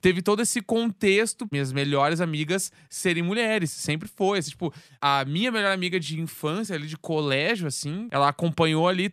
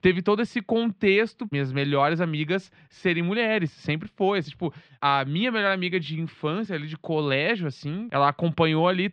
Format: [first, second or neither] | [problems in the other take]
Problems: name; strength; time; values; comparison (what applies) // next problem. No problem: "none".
first | muffled; slightly; fading above 3.5 kHz